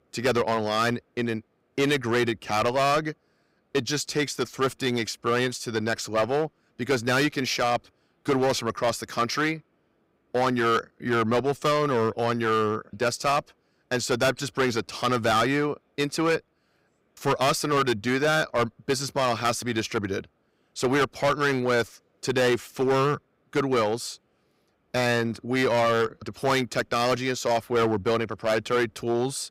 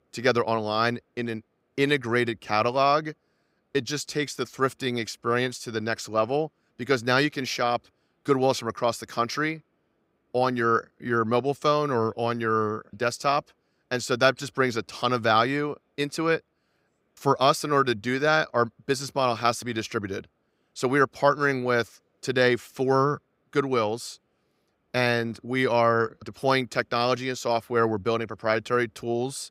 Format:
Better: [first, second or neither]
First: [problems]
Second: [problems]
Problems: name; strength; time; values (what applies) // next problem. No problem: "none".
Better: second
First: distortion; heavy; 9% of the sound clipped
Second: none